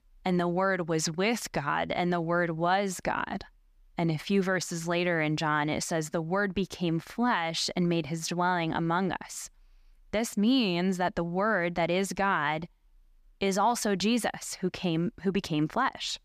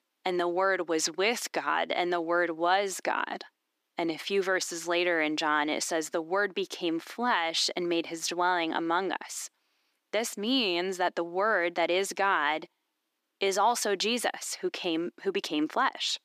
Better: first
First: none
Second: thin; somewhat; fading below 300 Hz

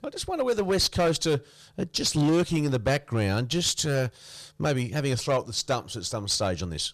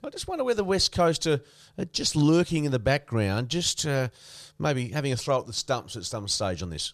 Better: second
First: distortion; slight; 6% of the sound clipped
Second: none

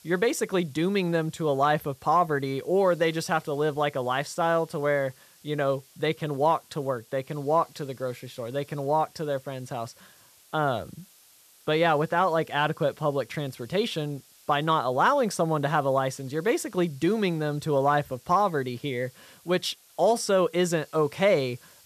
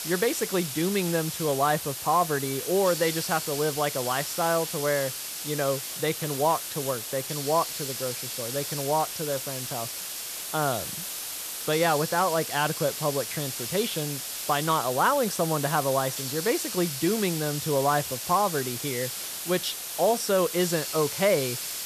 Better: first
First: hiss; faint; throughout; 25 dB below the speech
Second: hiss; loud; throughout; 4 dB below the speech

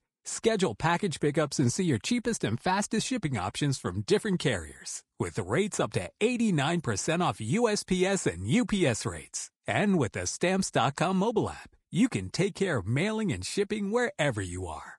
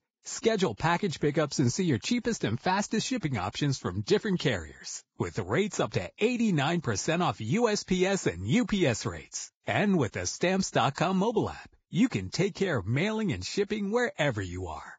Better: first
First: garbled, watery; slightly; nothing above 10.5 kHz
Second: garbled, watery; badly; nothing above 7.5 kHz

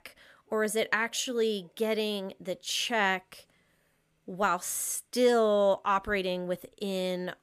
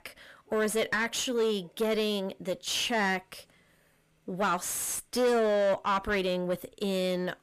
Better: first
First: none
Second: distortion; slight; 9 dB below the speech

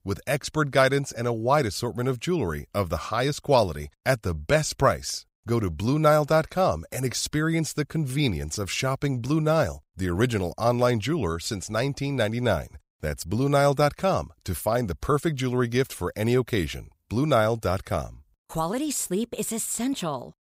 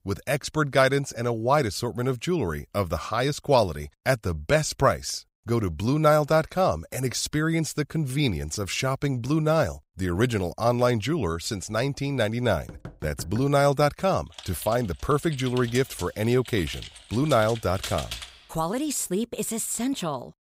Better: first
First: none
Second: door banging; faint; at 13 s; peak 15 dB below the speech // keyboard typing; noticeable; from 14 to 18 s; peak 8 dB below the speech

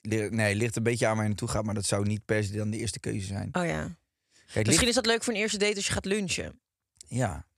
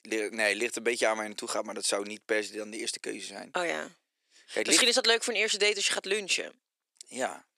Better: first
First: none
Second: thin; somewhat; fading below 300 Hz

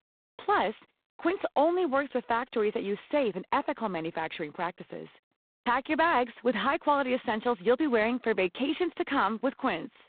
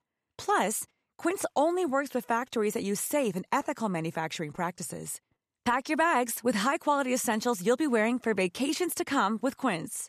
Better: second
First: phone-call audio; poor line; nothing above 4 kHz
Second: none

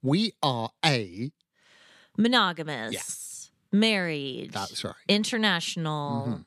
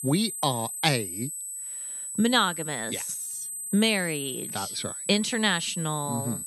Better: first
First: none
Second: high-pitched whine; loud; throughout; 8 kHz, 6 dB below the speech

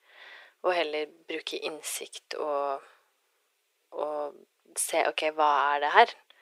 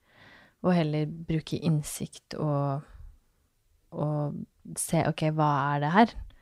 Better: second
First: thin; very; fading below 400 Hz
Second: none

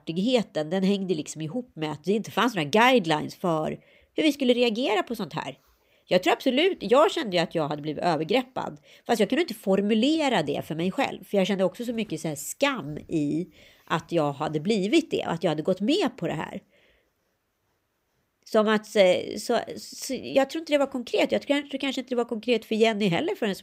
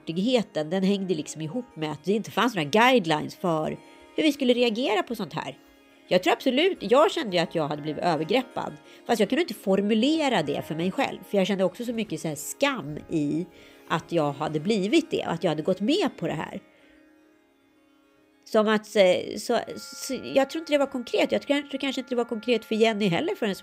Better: first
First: none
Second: background music; faint; throughout; 25 dB below the speech

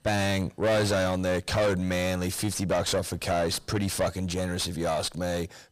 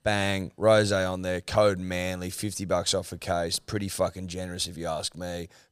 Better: second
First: distortion; heavy; 6 dB below the speech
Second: none

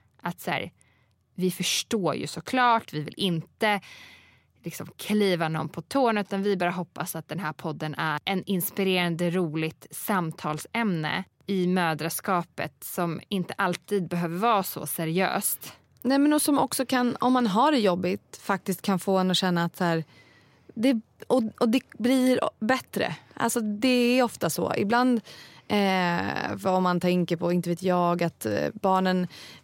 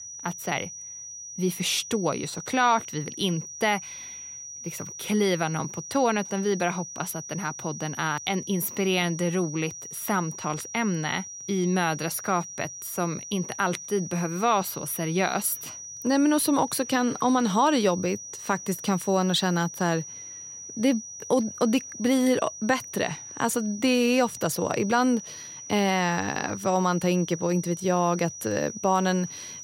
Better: first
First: none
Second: high-pitched whine; noticeable; throughout; 6 kHz, 10 dB below the speech

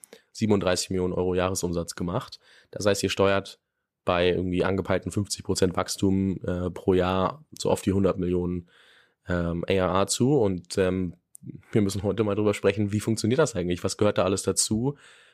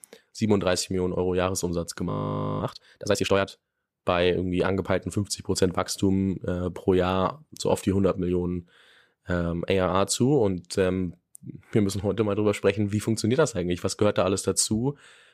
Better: first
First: none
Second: audio freezing; at 2 s for 0.5 s

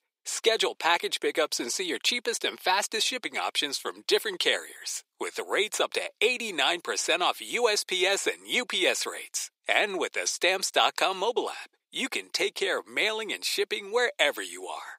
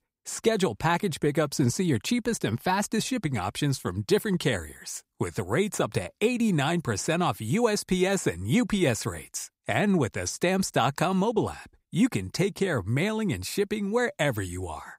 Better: second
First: thin; very; fading below 400 Hz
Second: none

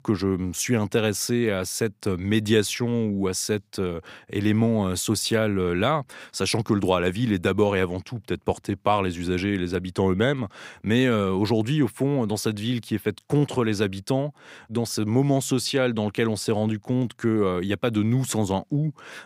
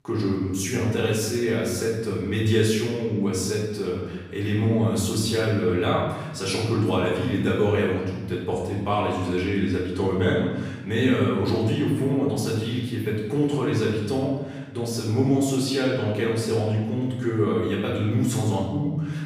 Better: first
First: none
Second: room echo; noticeable; dies away in 1.1 s // off-mic speech; far

